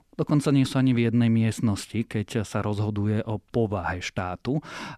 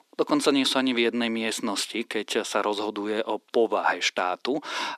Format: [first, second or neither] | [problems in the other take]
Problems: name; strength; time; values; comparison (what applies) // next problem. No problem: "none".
first | thin; somewhat; fading below 300 Hz